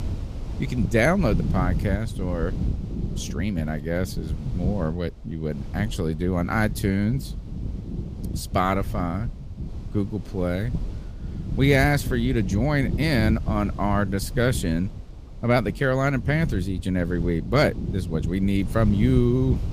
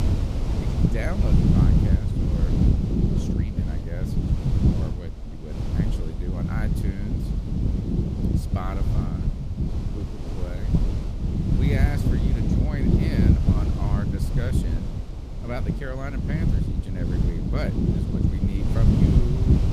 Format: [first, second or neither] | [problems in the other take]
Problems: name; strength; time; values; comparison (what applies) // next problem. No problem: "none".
first | wind noise on the microphone; heavy; 4 dB above the speech; occasional gusts in the first